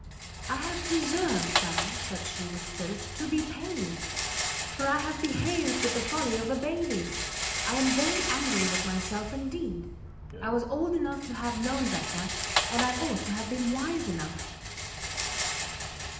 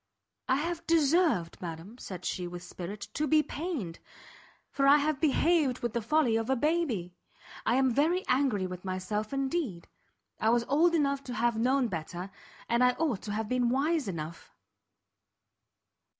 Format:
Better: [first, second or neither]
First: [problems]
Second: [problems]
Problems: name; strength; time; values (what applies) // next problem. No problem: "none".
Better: second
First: background sound (Rattle); 2 dB below the speech // room echo; dies away in 0.8 s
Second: none